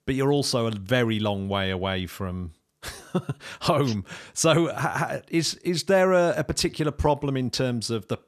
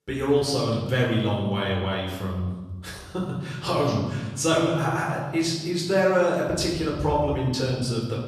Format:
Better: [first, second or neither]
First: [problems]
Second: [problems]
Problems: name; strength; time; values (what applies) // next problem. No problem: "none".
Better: first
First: none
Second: off-mic speech; far // room echo; noticeable; dies away in 1.2 s